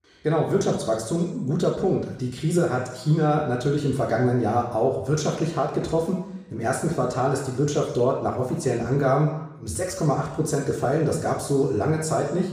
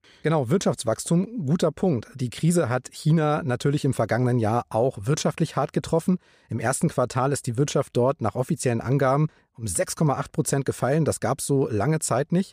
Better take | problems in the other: second | room echo; noticeable; dies away in 0.8 s // off-mic speech; far

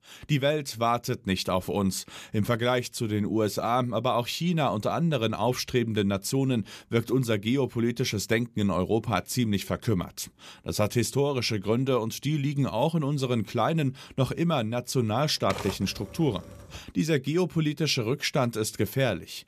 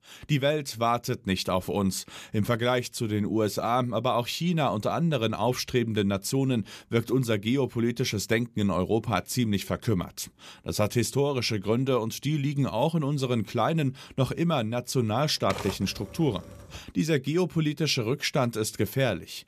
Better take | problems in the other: neither | keyboard typing; noticeable; from 15 to 17 s; peak 8 dB below the speech; the same in both

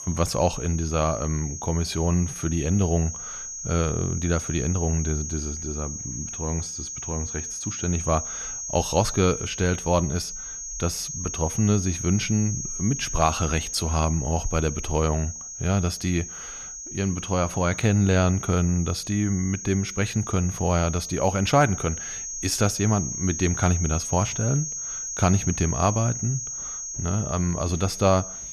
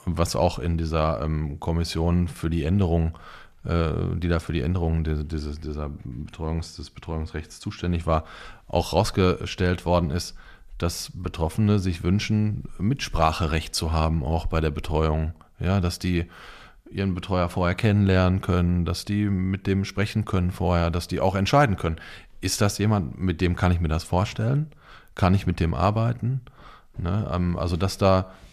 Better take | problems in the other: second | high-pitched whine; loud; throughout; 6.5 kHz, 6 dB below the speech

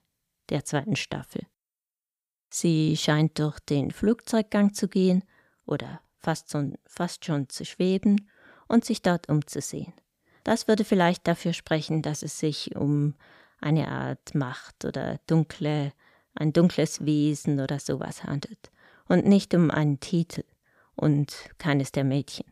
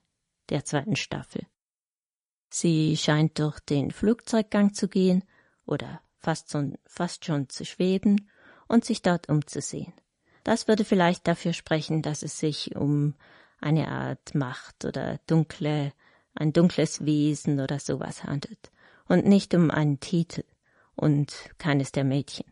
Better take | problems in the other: first | garbled, watery; slightly; nothing above 10.5 kHz

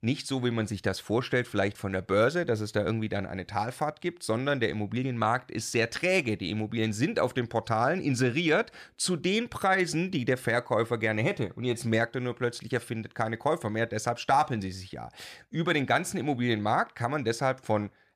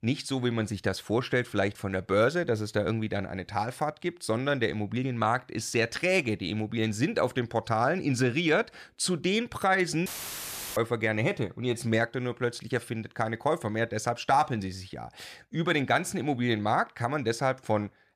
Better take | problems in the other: first | audio cutting out; filled with static; at 10 s for 0.5 s

